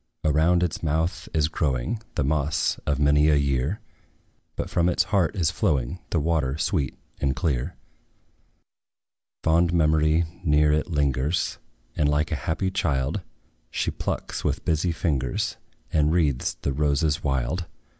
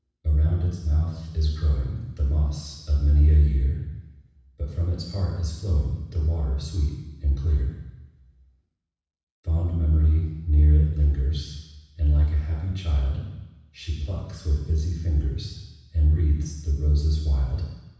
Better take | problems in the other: first | room echo; dies away in 1.1 s

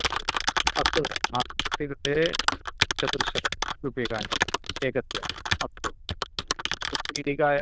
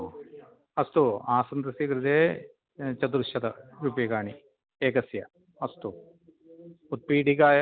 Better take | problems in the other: second | noise reduction (neural diffusion model UNIVERSE++)

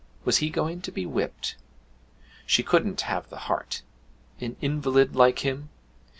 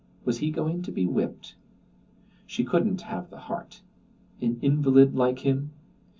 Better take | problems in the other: first | room echo; dies away in 0.3 s

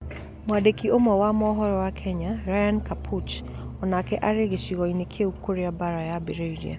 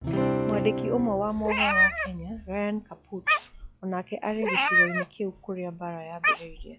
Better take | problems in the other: first | noise reduction (classical method log-MMSE)

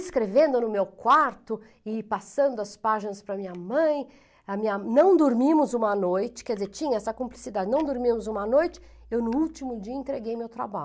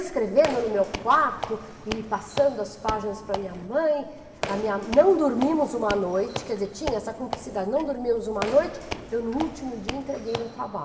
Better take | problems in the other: first | background sound (Squeak / Walk, footsteps); 11 dB below the speech // room echo; dies away in 2.2 s

